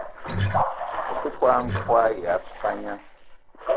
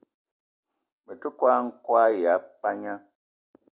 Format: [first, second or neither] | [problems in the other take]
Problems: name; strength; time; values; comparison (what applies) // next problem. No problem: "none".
second | noise reduction (neural separator model SepFormer DNS4)